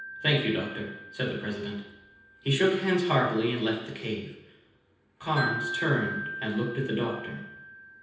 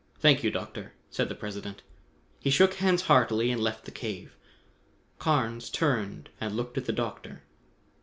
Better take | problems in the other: second | background sound (Wind chime); 10 dB below the speech // room echo; dies away in 0.9 s

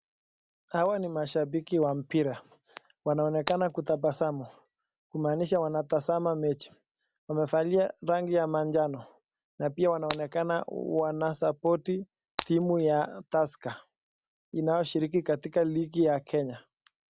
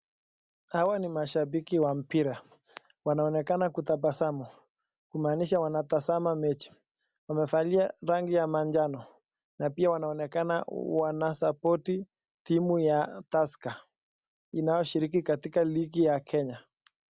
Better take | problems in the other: second | background sound (Shatter); 16 dB below the speech

